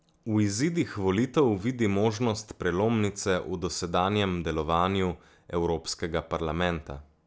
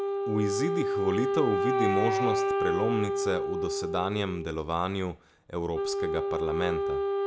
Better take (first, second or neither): first